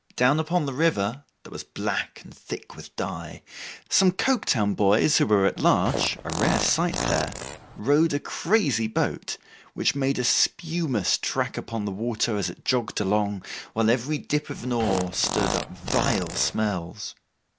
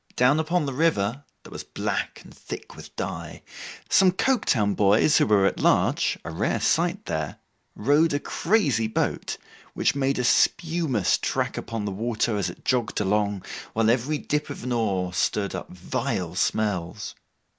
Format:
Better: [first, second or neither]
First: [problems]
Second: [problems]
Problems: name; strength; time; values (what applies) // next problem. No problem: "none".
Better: second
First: background sound (Fart); 5 dB below the speech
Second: none